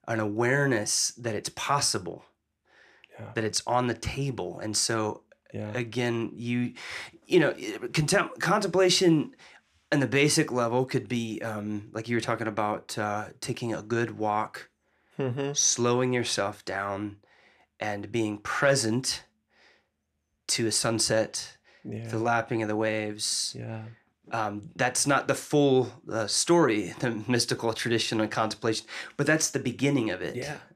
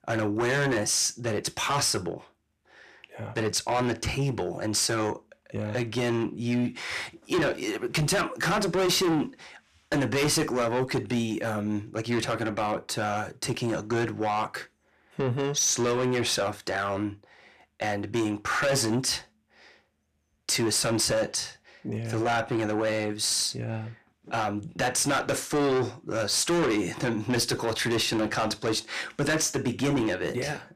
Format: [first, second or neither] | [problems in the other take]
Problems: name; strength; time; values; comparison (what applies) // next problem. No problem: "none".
first | distortion; heavy; 6 dB below the speech